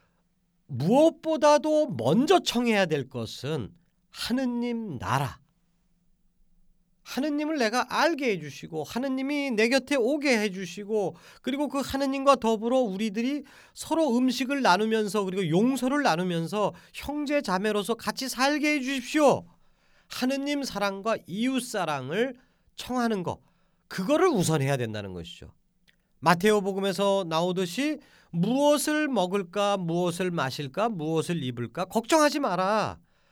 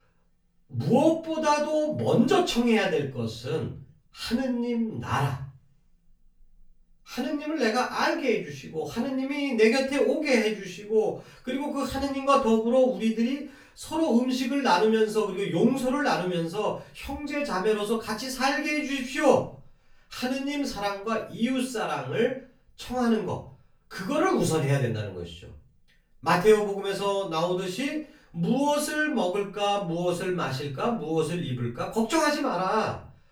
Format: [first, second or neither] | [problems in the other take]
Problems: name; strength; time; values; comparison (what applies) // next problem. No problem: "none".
first | off-mic speech; far // room echo; slight; dies away in 0.3 s